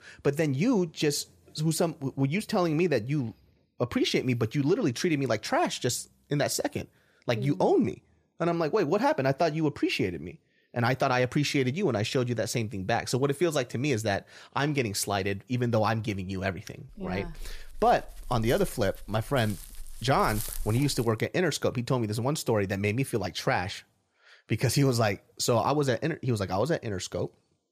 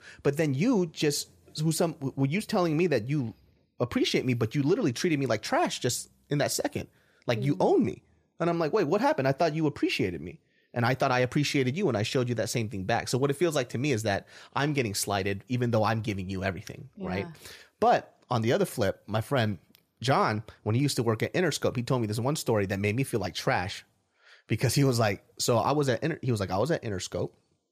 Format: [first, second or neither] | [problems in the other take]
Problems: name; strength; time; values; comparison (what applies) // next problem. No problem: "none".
second | dog barking; noticeable; from 17 to 21 s; peak 7 dB below the speech